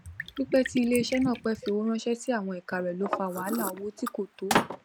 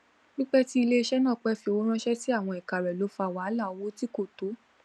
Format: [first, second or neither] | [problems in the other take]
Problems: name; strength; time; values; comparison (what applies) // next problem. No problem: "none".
second | background sound (Liquid); 6 dB below the speech